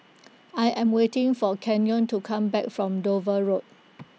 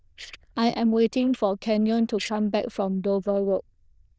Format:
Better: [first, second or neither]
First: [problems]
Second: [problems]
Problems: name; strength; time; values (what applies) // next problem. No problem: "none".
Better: first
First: none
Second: noise reduction (neural diffusion model UNIVERSE++)